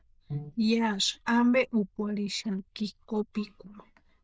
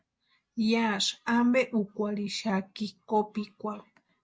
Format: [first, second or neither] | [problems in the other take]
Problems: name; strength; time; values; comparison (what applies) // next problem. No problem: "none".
second | noise reduction (neural diffusion model UNIVERSE++)